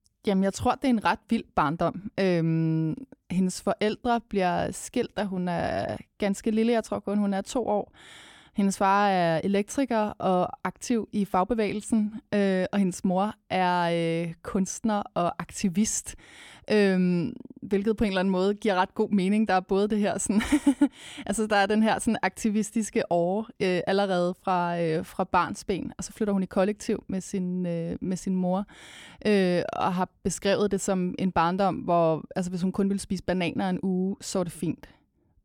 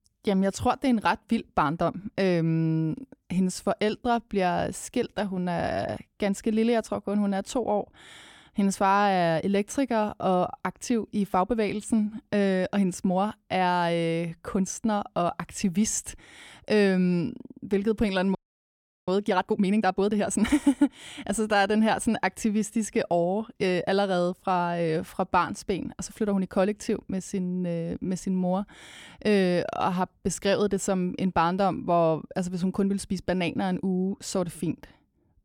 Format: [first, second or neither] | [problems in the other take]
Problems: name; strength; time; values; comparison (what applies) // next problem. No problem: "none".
first | audio freezing; at 18 s for 0.5 s